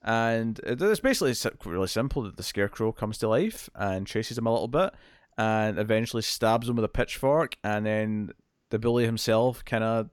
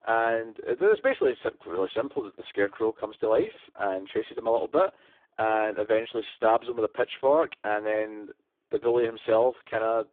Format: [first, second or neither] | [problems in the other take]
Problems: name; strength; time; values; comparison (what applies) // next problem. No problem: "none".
first | phone-call audio; poor line; nothing above 3.5 kHz